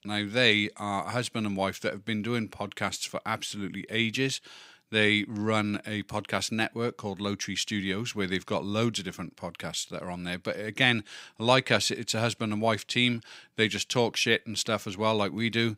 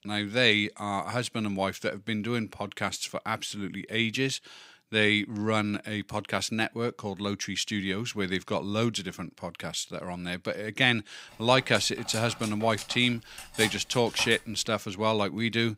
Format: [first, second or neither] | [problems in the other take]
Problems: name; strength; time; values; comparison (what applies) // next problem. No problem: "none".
first | clattering dishes; noticeable; from 12 to 14 s; peak 6 dB below the speech